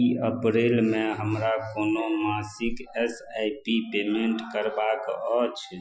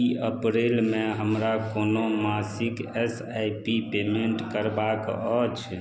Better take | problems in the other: second | noise reduction (classical method Wiener filter)

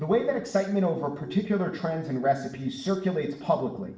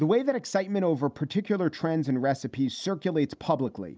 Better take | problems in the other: second | noise reduction (neural separator model SepFormer DNS4)

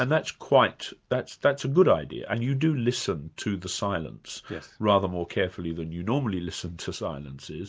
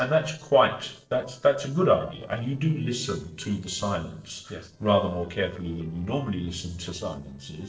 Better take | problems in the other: first | noise reduction (neural separator model SepFormer DNS4)

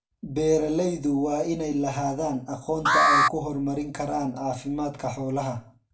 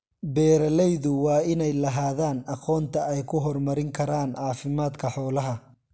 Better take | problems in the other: second | background sound (Alarm); 3 dB above the speech // room echo; dies away in 0.2 s

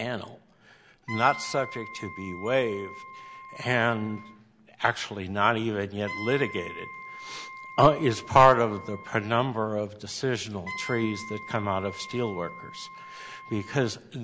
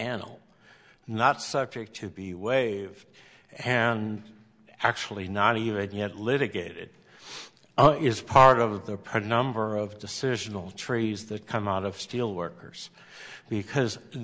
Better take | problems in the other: second | background sound (Wind instrument, woodwind instrument); 14 dB below the speech

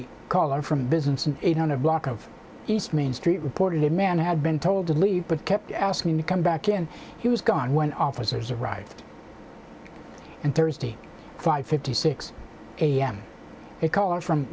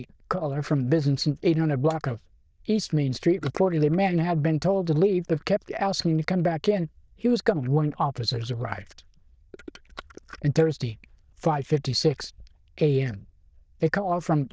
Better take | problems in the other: first | noise reduction (neural diffusion model UNIVERSE++)

